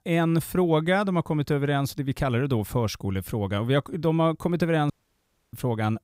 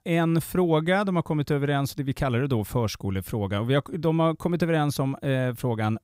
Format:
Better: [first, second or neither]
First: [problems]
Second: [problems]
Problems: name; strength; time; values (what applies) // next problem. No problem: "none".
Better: second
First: audio cutting out; at 5 s for 0.5 s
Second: none